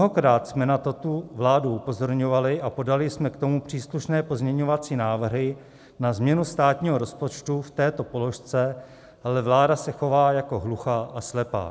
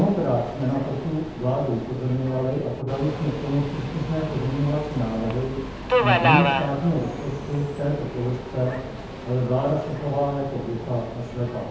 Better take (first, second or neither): first